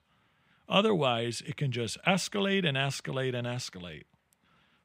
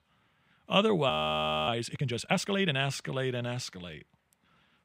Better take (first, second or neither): first